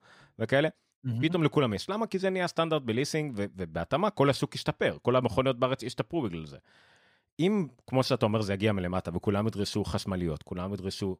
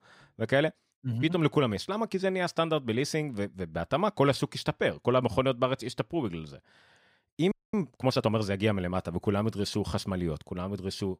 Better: first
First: none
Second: audio freezing; at 7.5 s

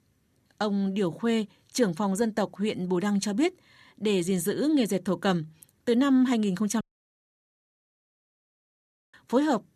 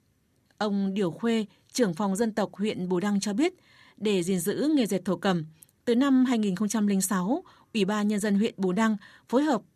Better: second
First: audio cutting out; at 7 s for 2.5 s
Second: none

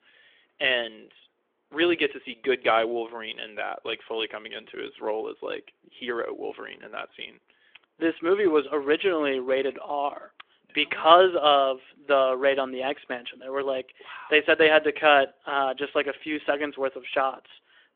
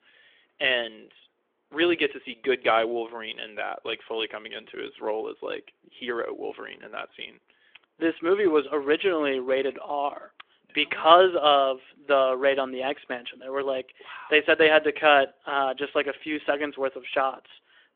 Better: neither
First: phone-call audio; nothing above 3.5 kHz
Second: phone-call audio; nothing above 3.5 kHz

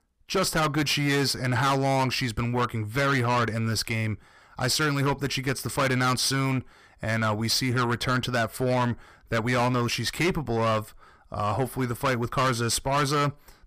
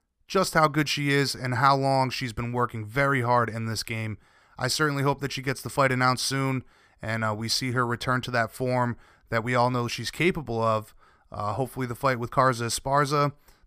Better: second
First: distortion; heavy; 6 dB below the speech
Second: none

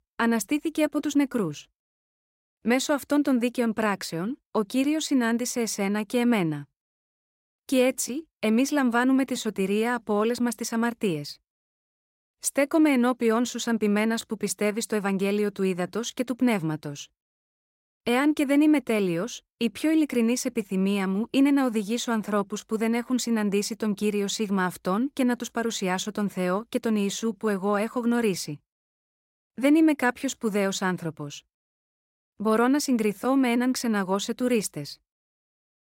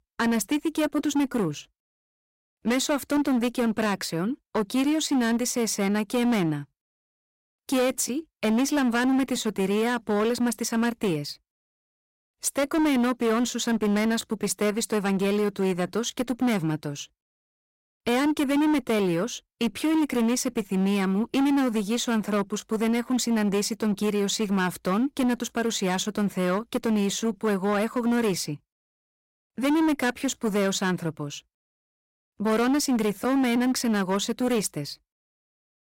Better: first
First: none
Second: distortion; slight; 14% of the sound clipped

